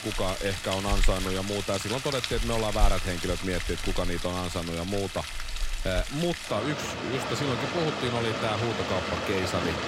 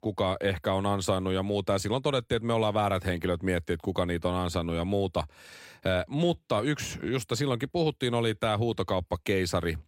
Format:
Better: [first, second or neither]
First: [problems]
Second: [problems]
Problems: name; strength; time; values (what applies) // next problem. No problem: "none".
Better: second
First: rain or running water; loud; throughout; 2 dB below the speech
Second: none